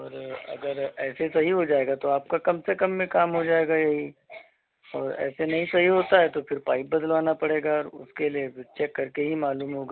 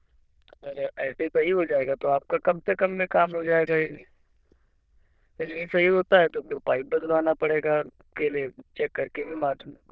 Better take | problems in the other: first | noise reduction (neural diffusion model UNIVERSE++)

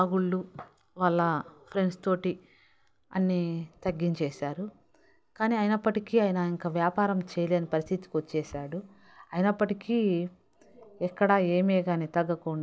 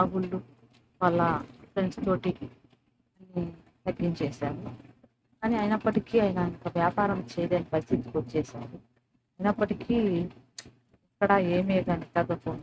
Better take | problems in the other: first | noise reduction (neural mask model RNNoise)

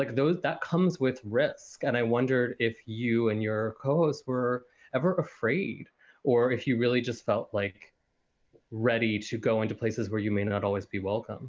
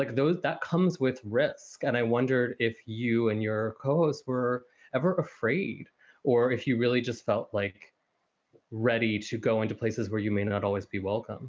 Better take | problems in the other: second | noise reduction (neural mask model Resemble Enhance denoiser)

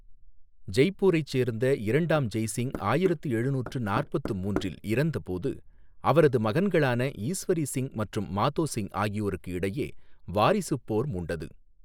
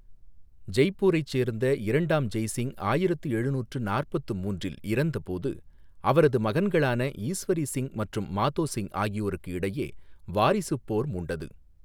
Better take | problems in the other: second | noise reduction (neural mask model Resemble Enhance denoiser)

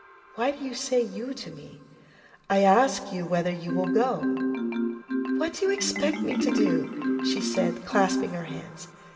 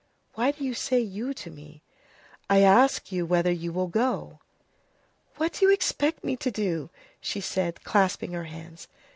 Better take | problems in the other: second | background sound (Marimba, xylophone); 3 dB below the speech // room echo; dies away in 1.8 s

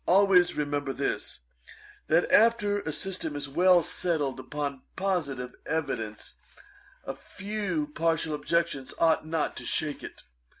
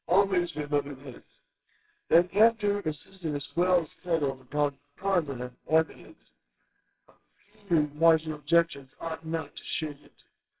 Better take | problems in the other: first | noise reduction (neural separator model SepFormer WHAMR!)

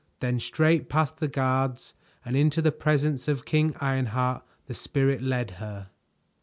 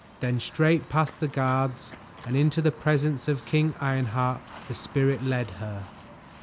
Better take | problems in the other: first | background sound (Walk, footsteps); 19 dB below the speech

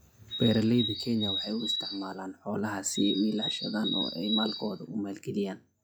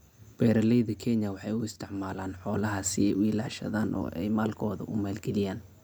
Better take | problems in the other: second | noise reduction (classical method log-MMSE)

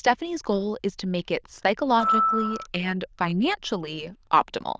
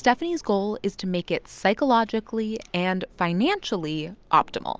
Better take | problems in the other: second | noise reduction (neural diffusion model UNIVERSE++)

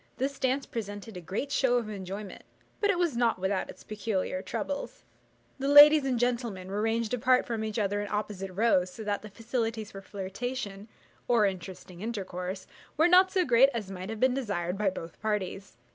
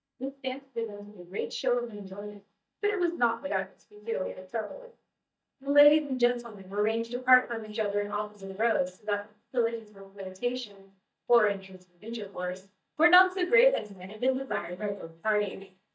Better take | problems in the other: first | noise reduction (neural mask model DeepFilterNet 3)

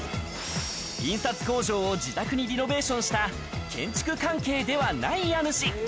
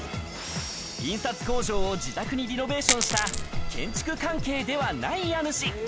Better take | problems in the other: first | background sound (Coin (dropping)); as loud as the speech

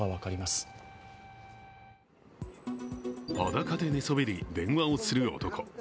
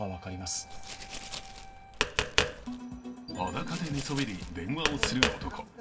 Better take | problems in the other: first | background sound (Tap); 2 dB above the speech // room echo; dies away in 2 s

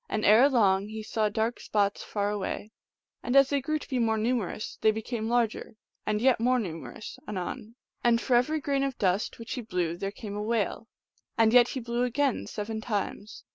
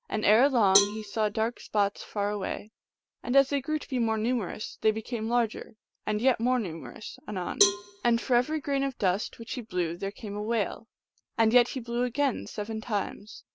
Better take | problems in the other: first | background sound (Cowbell); 5 dB below the speech

